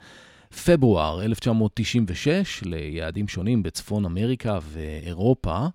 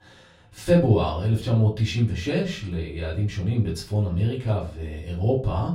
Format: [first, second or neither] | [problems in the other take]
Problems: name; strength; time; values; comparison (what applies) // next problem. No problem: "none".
first | room echo; slight; dies away in 0.3 s // off-mic speech; far